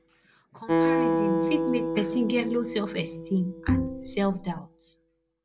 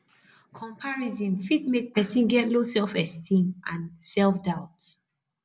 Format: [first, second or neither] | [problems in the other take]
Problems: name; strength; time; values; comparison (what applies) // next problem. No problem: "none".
second | background sound (Bowed string instrument + Acoustic guitar); 2 dB above the speech